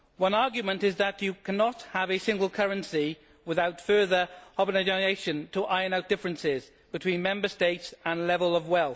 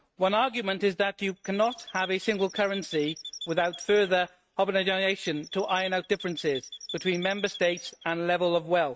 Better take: first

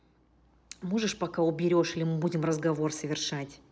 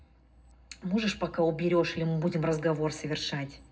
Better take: first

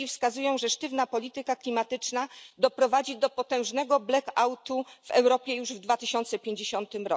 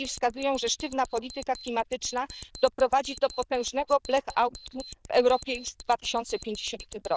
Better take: first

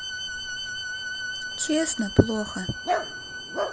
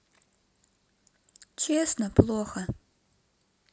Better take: second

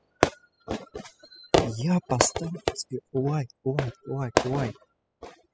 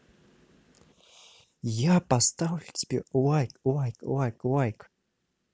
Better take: second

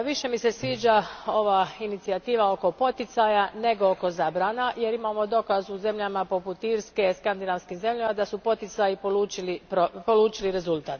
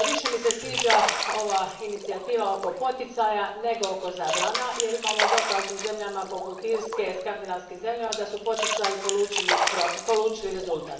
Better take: first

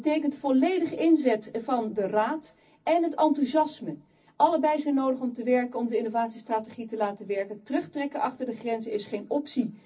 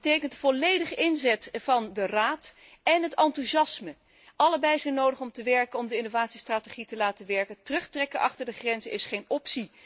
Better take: second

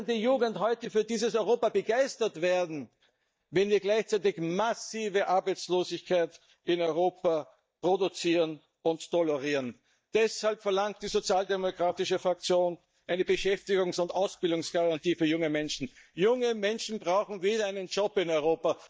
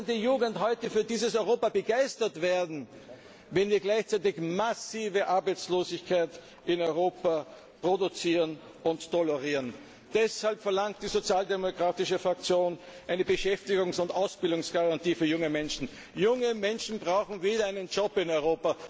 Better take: second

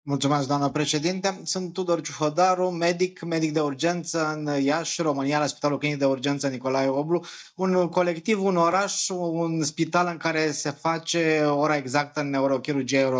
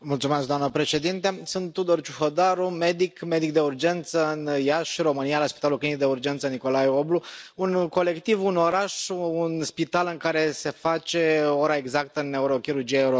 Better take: second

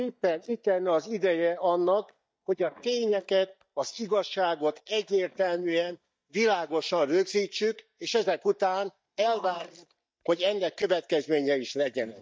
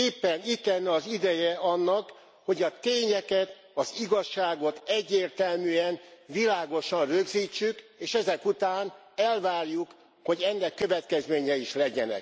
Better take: second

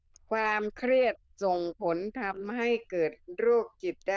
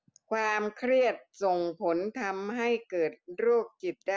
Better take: second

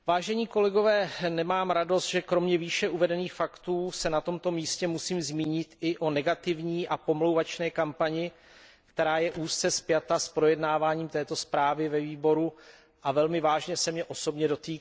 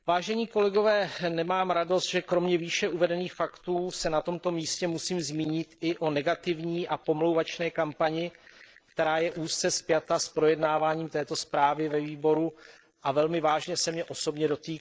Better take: first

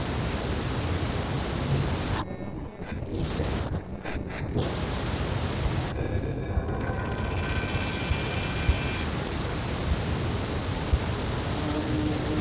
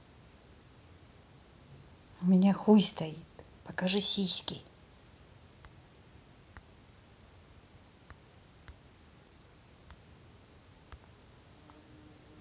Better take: second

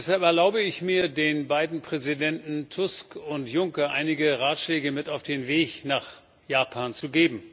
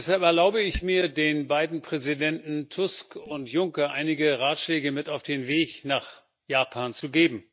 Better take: first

